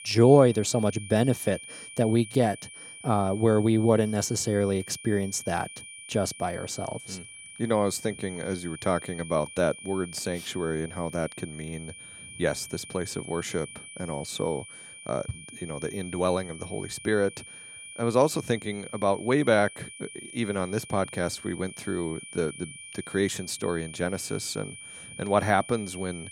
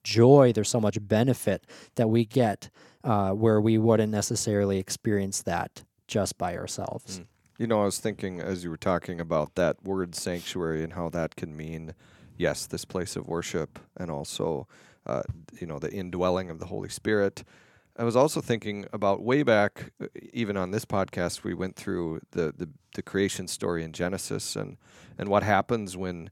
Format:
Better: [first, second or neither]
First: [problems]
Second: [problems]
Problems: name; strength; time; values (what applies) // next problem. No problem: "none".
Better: second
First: high-pitched whine; noticeable; throughout; 2.5 kHz, 15 dB below the speech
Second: none